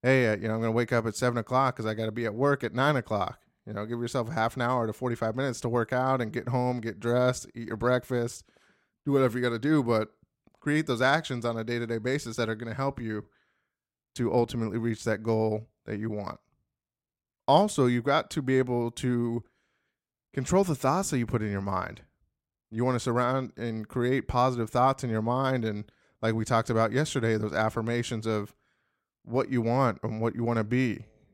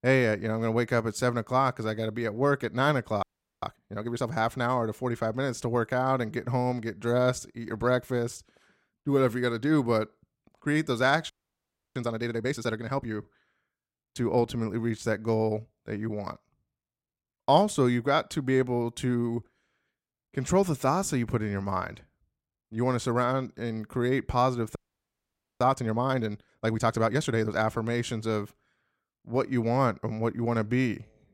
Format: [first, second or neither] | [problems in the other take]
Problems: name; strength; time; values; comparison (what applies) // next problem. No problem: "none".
first | audio freezing; at 3 s, at 11 s for 0.5 s and at 25 s for 1 s